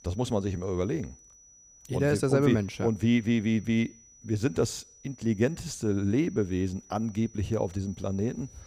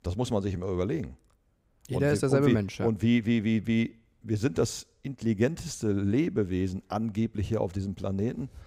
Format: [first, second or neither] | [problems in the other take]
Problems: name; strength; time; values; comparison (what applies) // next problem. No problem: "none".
second | high-pitched whine; faint; throughout; 6 kHz, 25 dB below the speech